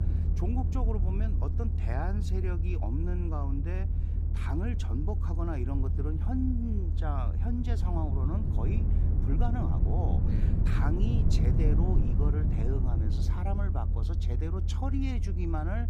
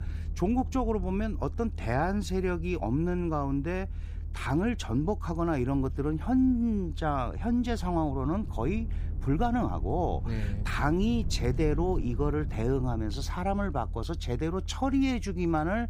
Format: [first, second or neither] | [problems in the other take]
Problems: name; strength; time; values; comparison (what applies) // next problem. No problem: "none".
second | low rumble; loud; throughout; 4 dB below the speech; faint in the second